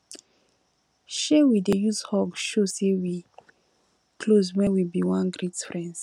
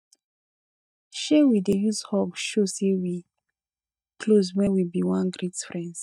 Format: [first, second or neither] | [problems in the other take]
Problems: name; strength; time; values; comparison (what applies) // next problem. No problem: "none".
first | noise reduction (neural mask model DeepFilterNet 3)